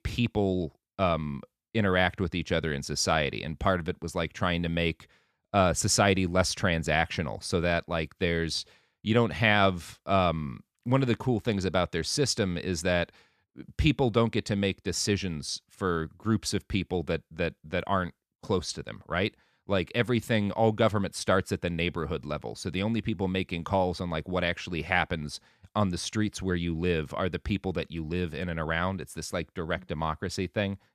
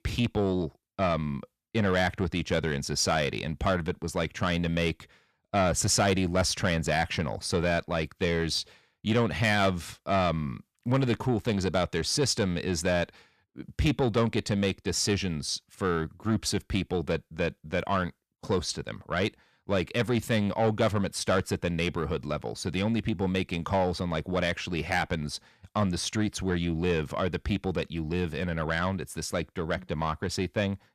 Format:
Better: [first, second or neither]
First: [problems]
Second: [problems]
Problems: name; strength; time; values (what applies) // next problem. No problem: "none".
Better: first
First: none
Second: distortion; slight; 10 dB below the speech